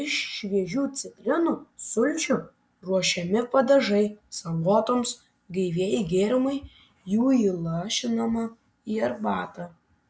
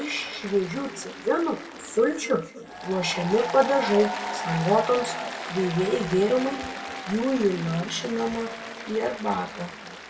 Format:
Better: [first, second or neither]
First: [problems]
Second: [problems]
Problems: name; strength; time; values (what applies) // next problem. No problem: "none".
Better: first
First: none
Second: background sound (Applause); 9 dB below the speech // room echo; dies away in 1.6 s